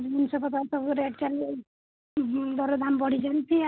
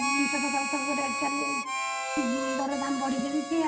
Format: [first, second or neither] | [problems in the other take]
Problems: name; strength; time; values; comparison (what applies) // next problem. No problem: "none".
first | background sound (Harmonica); 1 dB below the speech // room echo; dies away in 0.8 s